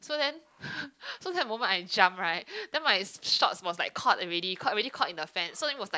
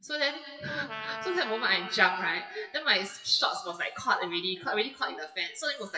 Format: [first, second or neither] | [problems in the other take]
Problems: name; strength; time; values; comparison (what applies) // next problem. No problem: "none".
first | noise reduction (classical method WPE with log-MMSE)